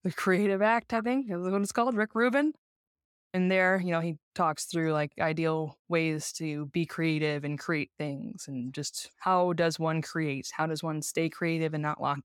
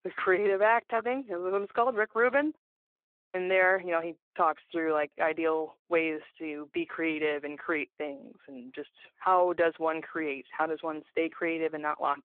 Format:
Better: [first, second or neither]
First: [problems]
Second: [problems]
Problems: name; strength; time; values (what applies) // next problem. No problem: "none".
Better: first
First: none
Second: phone-call audio